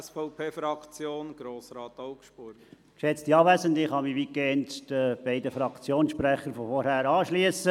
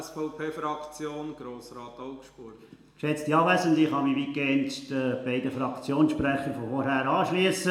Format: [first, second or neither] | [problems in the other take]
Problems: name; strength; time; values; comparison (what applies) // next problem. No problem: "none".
first | room echo; dies away in 0.9 s